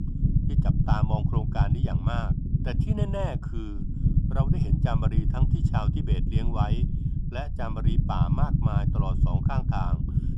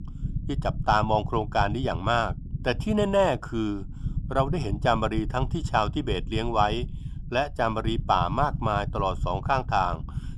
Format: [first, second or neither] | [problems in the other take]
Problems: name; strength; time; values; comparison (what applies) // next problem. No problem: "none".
second | low rumble; loud; throughout; 2 dB below the speech; faint in the second